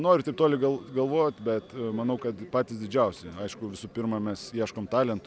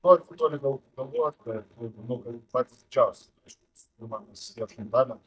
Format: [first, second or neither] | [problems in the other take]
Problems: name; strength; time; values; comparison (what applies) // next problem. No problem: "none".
first | noise reduction (neural mask model DeepFilterNet 3)